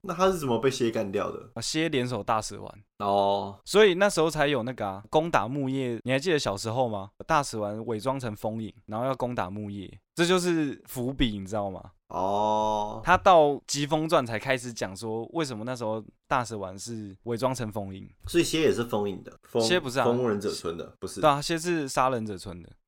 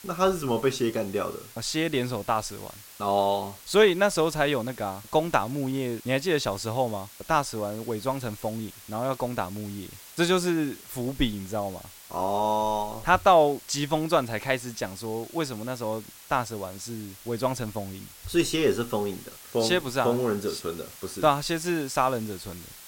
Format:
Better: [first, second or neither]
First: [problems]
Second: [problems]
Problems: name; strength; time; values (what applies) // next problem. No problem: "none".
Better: first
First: none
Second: hiss; noticeable; throughout; 20 dB below the speech